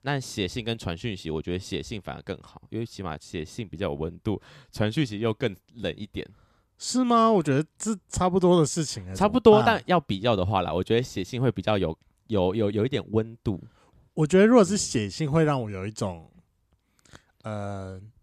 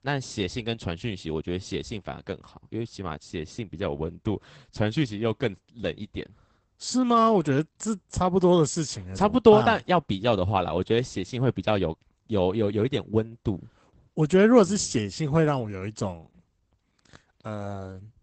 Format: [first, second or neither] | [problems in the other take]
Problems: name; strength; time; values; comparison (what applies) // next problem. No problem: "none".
first | garbled, watery; badly; nothing above 8 kHz